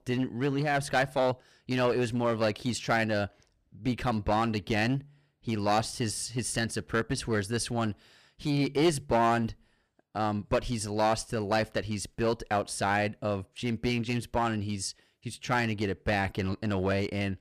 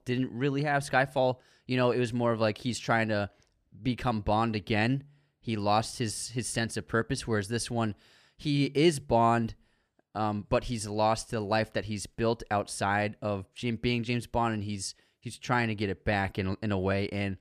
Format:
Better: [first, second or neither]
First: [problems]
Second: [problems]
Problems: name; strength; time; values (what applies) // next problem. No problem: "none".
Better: second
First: distortion; slight; 5% of the sound clipped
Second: none